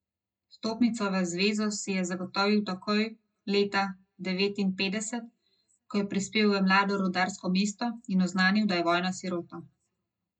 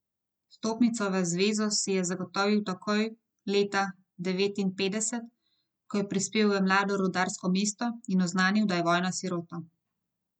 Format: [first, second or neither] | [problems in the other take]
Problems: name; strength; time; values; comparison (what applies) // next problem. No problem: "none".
second | room echo; dies away in 0.2 s